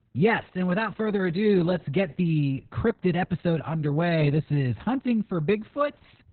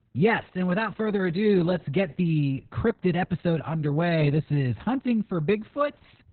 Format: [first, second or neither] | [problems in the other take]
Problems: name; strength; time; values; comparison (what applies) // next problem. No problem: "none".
neither | garbled, watery; badly; nothing above 4 kHz; the same in both